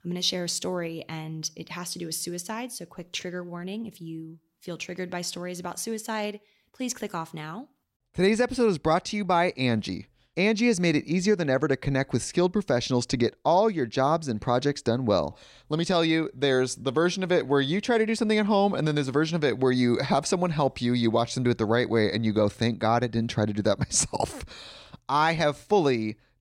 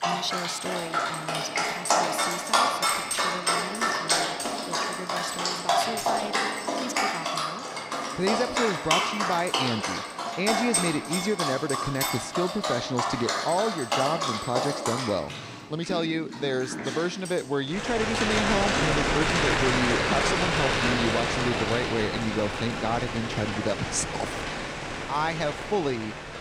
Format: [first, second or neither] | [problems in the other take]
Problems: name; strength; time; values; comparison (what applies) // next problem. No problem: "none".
first | animal sounds; very loud; throughout; 3 dB above the speech